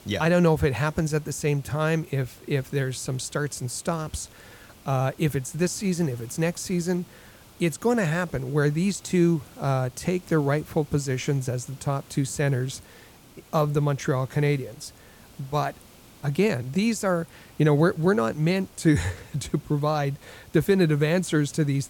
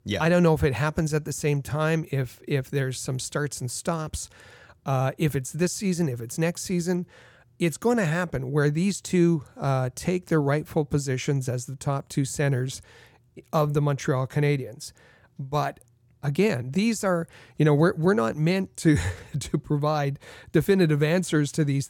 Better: second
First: hiss; faint; throughout; 25 dB below the speech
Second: none

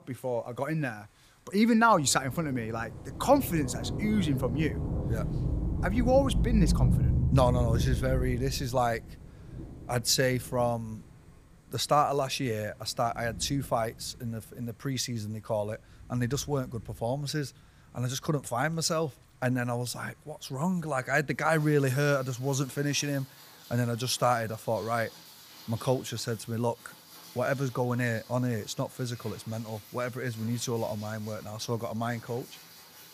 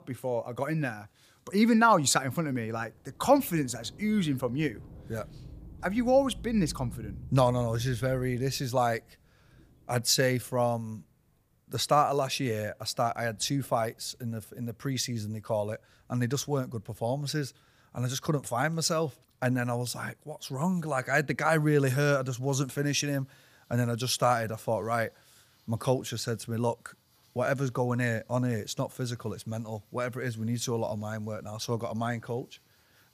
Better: second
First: rain or running water; loud; throughout; 4 dB below the speech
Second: rain or running water; faint; throughout; 20 dB below the speech

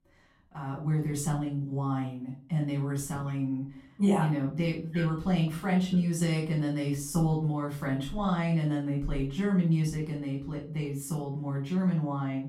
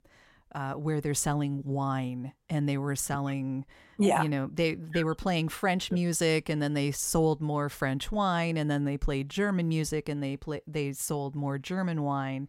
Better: second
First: room echo; slight; dies away in 0.4 s // off-mic speech; far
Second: none

